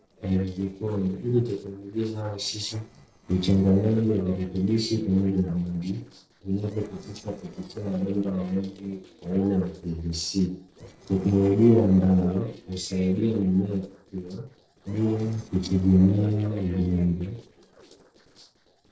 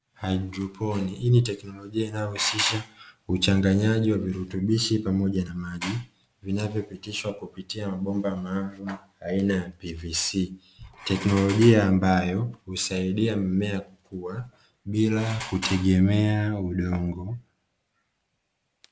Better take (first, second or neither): second